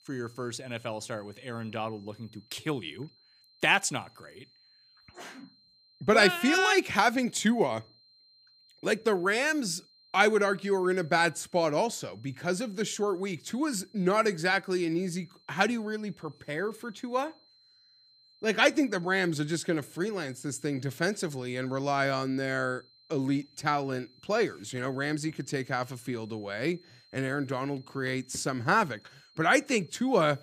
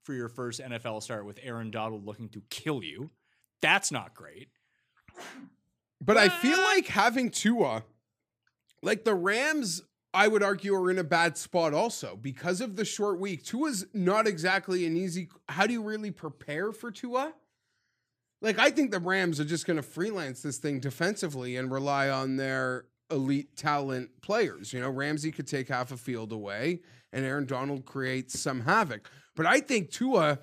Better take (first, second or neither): second